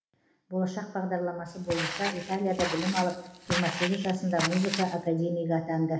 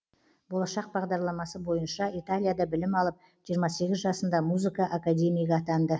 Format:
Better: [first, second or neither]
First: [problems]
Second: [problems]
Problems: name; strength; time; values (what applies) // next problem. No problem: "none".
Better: second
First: background sound (Walk, footsteps); 6 dB below the speech // room echo; dies away in 1.1 s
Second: none